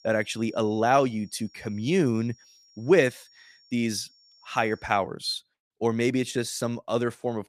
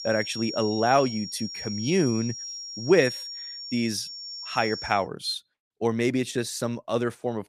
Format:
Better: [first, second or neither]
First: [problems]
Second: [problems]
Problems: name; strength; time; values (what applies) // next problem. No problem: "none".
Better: first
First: high-pitched whine; faint; until 5 s; 5.5 kHz, 30 dB below the speech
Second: high-pitched whine; loud; until 5 s; 5.5 kHz, 8 dB below the speech